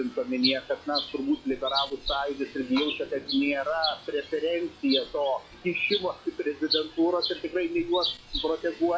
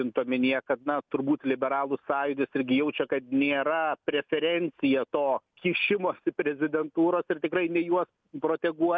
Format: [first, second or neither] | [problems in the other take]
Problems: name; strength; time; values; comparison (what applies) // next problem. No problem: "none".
second | noise reduction (classical method log-MMSE)